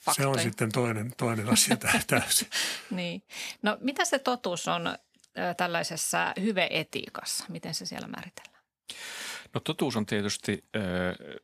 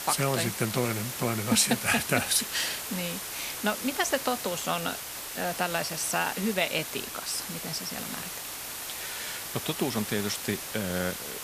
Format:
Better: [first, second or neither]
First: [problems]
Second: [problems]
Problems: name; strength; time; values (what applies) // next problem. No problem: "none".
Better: first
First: none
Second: hiss; loud; throughout; 5 dB below the speech